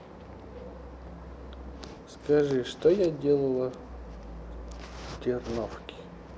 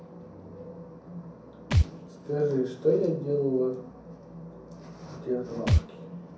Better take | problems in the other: first | background sound (Thump, thud); 2 dB below the speech // room echo; dies away in 0.6 s

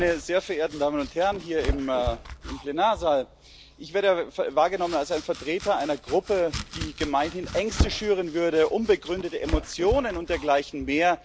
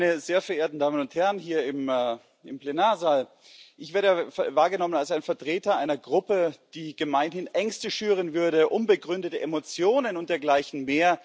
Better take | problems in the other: second | background sound (Domestic sounds, home sounds); 10 dB below the speech

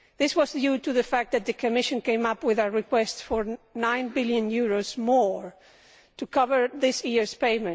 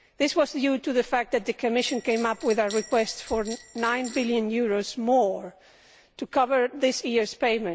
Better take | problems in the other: first | background sound (Bell); 16 dB below the speech

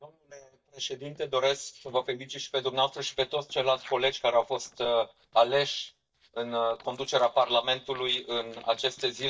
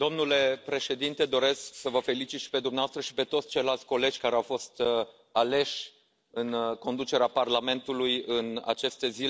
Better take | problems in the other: second | noise reduction (neural mask model DeepFilterNet 3)

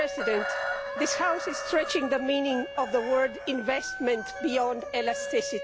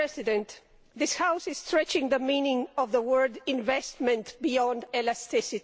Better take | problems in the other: second | background sound (Wind instrument, woodwind instrument + Chicken, rooster); 6 dB below the speech

